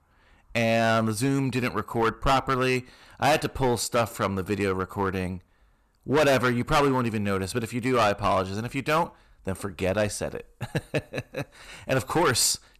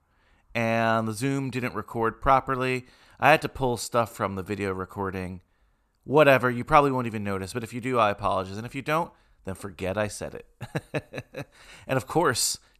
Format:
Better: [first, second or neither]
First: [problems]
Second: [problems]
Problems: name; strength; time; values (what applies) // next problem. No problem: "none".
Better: second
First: distortion; heavy; 7% of the sound clipped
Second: none